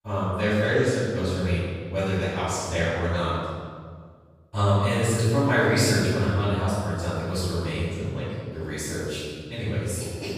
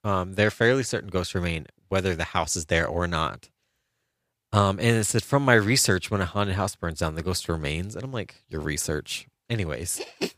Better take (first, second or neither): second